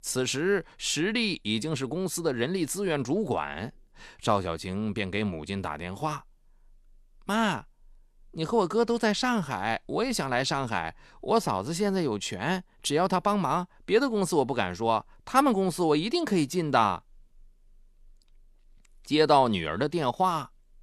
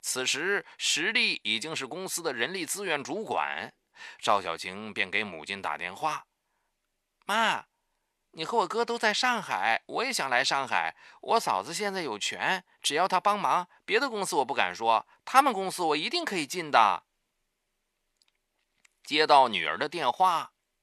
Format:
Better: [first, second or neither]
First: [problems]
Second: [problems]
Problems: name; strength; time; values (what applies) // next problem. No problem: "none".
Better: first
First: none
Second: thin; somewhat; fading below 800 Hz